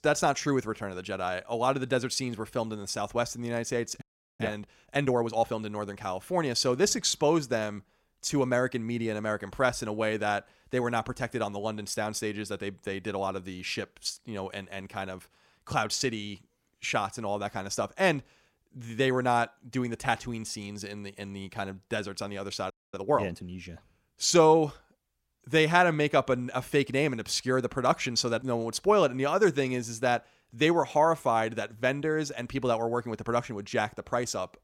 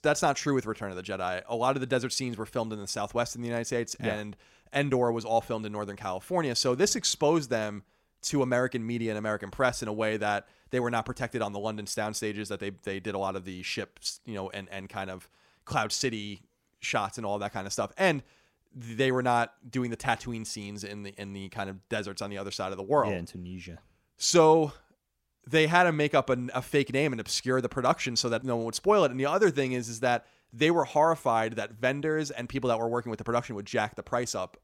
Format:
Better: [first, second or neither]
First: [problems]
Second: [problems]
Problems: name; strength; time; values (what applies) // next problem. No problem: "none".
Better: second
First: audio freezing; at 4 s and at 23 s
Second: none